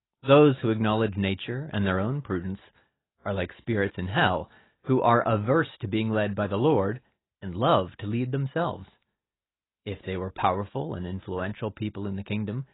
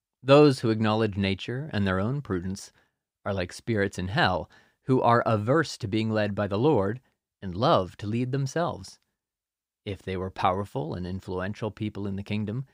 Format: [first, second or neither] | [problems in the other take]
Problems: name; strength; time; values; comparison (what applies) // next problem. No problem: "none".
second | garbled, watery; badly; nothing above 4 kHz